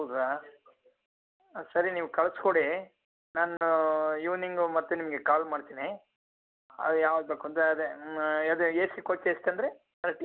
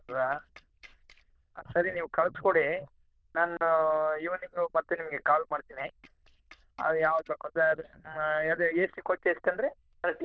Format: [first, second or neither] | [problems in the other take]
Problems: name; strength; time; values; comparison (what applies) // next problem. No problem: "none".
first | noise reduction (neural diffusion model UNIVERSE++)